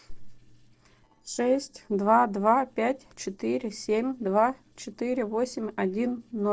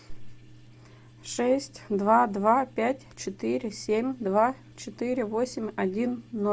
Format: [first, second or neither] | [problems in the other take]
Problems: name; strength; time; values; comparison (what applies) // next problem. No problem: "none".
second | noise reduction (neural separator model SepFormer DNS4)